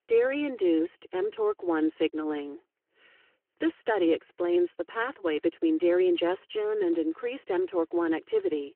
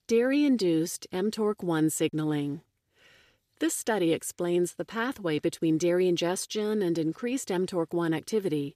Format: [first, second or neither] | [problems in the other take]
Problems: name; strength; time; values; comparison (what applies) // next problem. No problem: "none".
second | phone-call audio